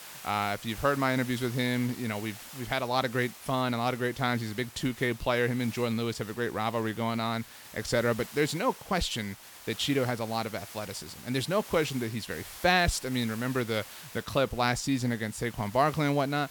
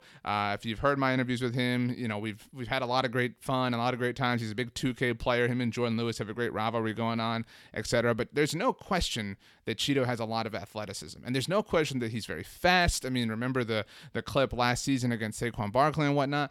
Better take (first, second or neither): second